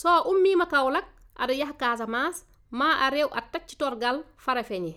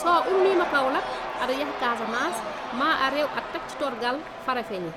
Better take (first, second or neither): first